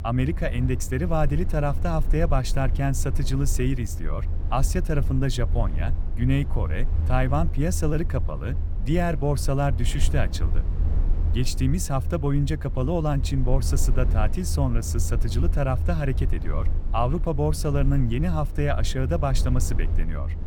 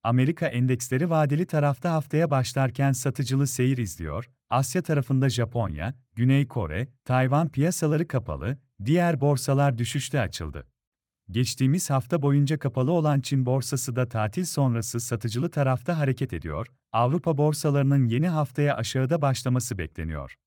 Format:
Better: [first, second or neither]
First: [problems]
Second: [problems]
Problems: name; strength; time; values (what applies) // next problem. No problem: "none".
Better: second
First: low rumble; noticeable; throughout; 15 dB below the speech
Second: none